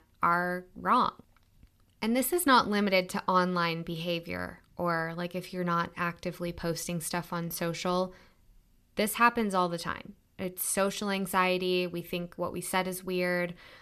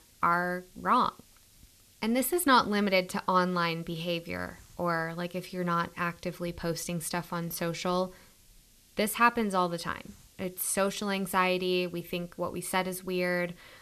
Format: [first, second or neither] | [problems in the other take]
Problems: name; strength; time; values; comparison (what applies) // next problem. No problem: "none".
first | hiss; faint; throughout; 30 dB below the speech